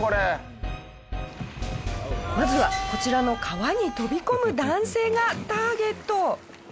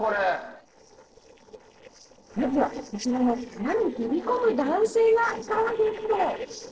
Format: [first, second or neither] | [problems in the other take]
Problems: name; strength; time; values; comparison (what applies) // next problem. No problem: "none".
first | noise reduction (neural separator model SepFormer DNS4)